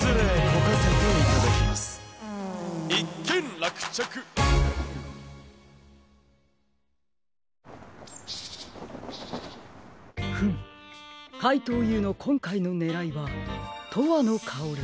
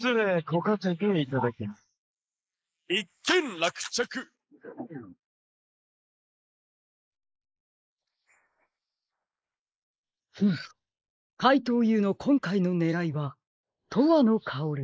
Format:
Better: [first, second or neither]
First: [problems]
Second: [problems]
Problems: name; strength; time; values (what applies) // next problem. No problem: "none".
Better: first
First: none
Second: noise reduction (neural mask model Resemble Enhance denoiser)